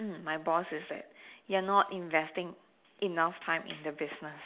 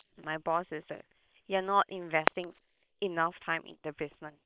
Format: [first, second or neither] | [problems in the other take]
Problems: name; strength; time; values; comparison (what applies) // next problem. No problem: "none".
first | noise reduction (neural separator model SepFormer WHAM!)